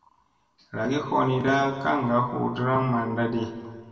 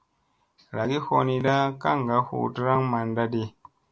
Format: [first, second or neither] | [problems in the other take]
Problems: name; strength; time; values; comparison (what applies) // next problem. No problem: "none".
second | room echo; dies away in 1.6 s